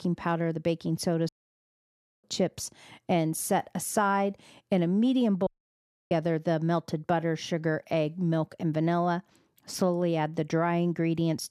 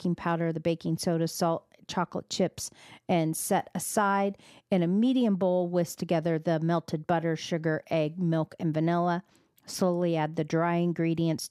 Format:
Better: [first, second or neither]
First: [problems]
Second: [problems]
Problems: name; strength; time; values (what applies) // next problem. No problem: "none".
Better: second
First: audio cutting out; at 1.5 s for 1 s and at 5.5 s for 0.5 s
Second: none